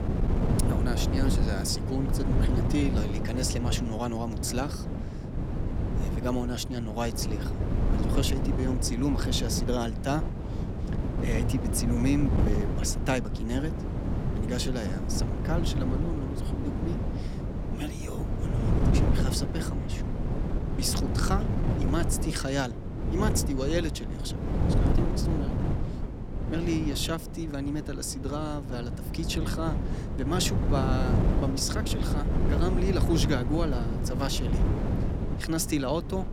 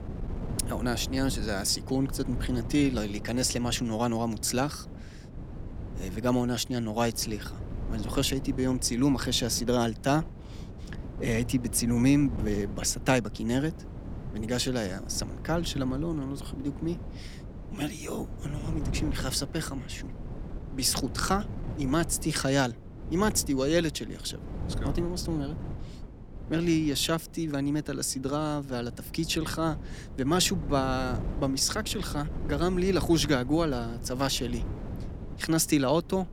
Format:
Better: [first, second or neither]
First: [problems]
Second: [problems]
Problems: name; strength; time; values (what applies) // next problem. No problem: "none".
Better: second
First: wind noise on the microphone; heavy; 4 dB below the speech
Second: wind noise on the microphone; occasional gusts; 15 dB below the speech